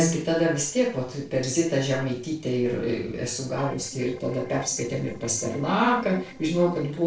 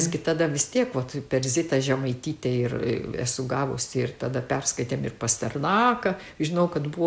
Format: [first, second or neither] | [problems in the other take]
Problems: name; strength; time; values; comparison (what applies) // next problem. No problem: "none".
second | noise reduction (neural separator model SepFormer DNS4)